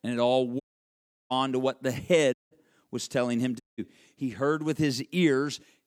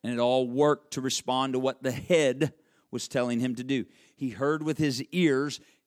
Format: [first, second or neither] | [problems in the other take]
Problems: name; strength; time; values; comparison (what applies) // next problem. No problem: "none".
second | audio cutting out; at 0.5 s for 0.5 s, at 2.5 s and at 3.5 s